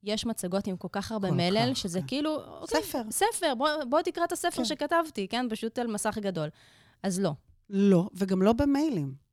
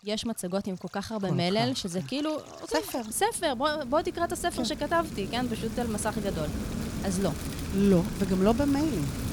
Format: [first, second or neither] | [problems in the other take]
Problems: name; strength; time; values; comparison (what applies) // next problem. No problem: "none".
first | rain or running water; loud; throughout; 8 dB below the speech